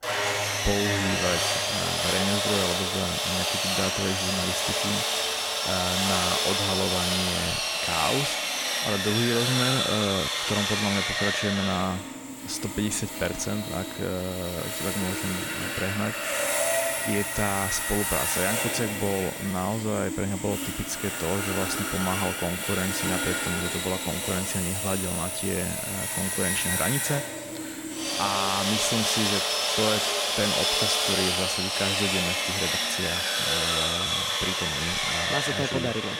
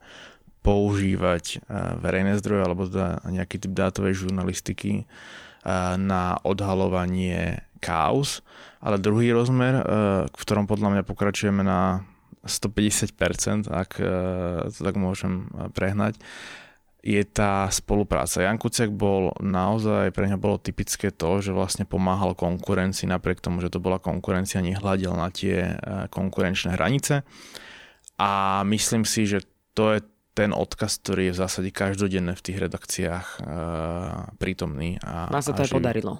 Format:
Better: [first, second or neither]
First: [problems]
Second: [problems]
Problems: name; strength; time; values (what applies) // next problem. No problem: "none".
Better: second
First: machinery noise; very loud; throughout; 4 dB above the speech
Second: none